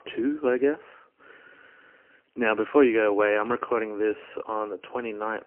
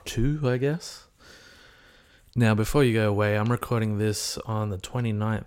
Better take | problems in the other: second | phone-call audio; poor line; nothing above 3 kHz

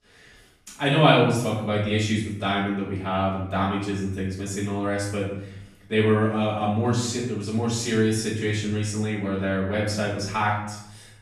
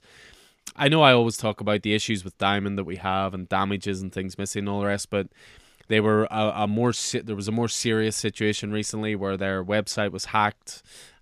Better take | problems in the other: second | off-mic speech; far // room echo; noticeable; dies away in 0.8 s

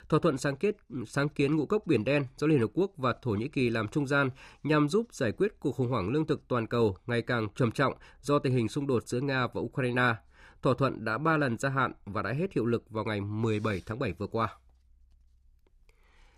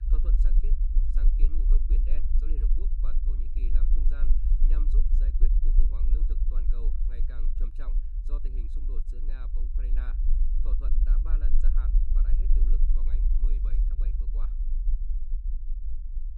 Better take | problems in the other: first | low rumble; loud; throughout; as loud as the speech

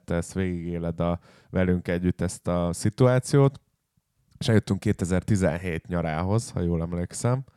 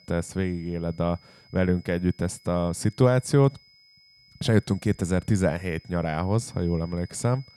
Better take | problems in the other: first | high-pitched whine; faint; throughout; 5 kHz, 25 dB below the speech

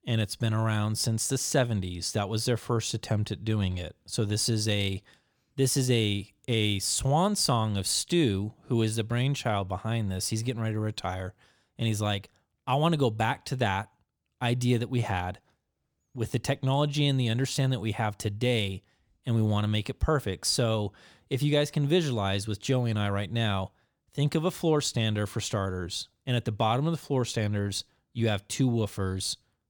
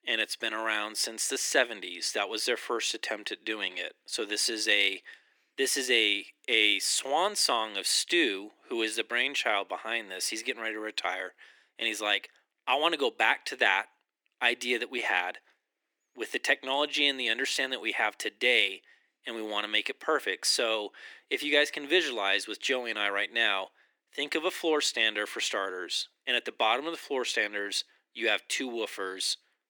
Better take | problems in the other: first | thin; very; fading below 300 Hz

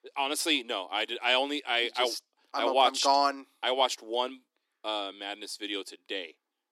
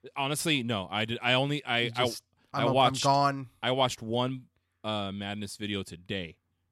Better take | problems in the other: second | thin; somewhat; fading below 300 Hz

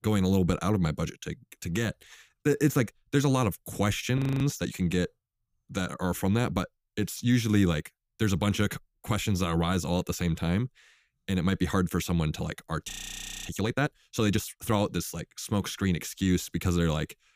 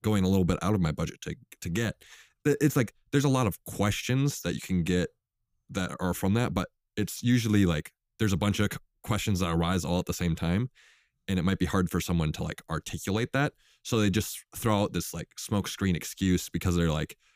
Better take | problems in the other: second | audio freezing; at 4 s and at 13 s for 0.5 s

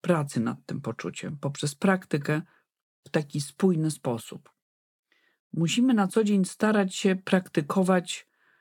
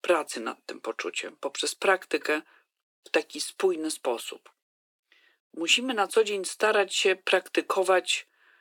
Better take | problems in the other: first | thin; very; fading below 350 Hz

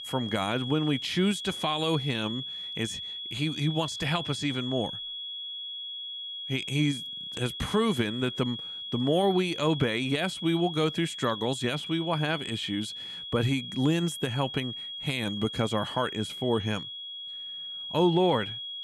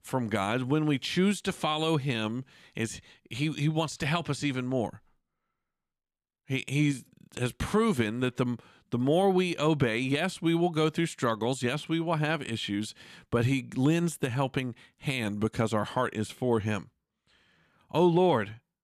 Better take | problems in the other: second | high-pitched whine; loud; throughout; 3.5 kHz, 6 dB below the speech

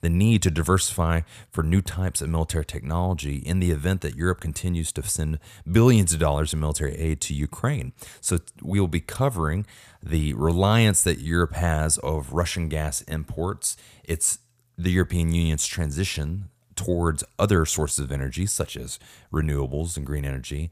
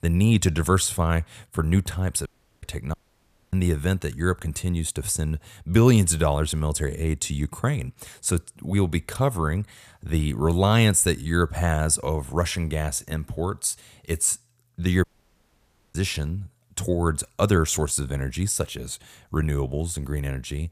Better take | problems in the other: first | audio cutting out; at 2.5 s, at 3 s for 0.5 s and at 15 s for 1 s

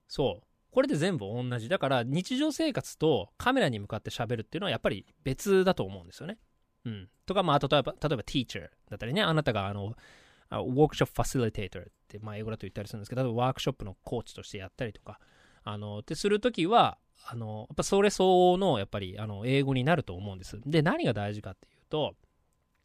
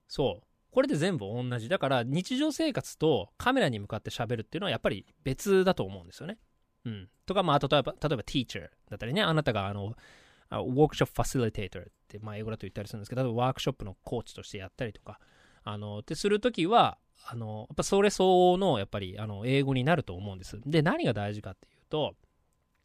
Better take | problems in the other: neither | none

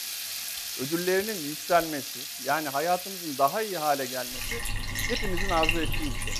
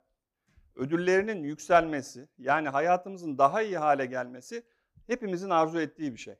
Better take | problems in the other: second | household noises; loud; throughout; 3 dB below the speech

